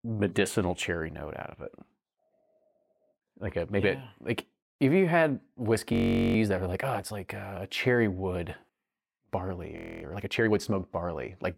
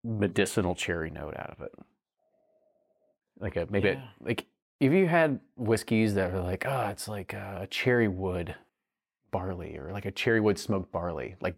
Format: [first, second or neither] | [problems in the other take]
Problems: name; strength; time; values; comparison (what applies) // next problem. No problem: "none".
second | audio freezing; at 6 s and at 10 s